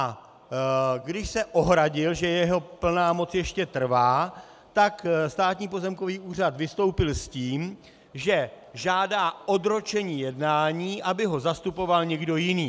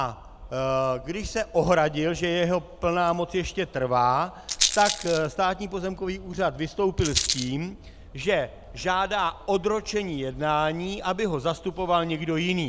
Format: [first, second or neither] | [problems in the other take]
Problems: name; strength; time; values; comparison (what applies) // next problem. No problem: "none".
first | background sound (Rattle); 11 dB below the speech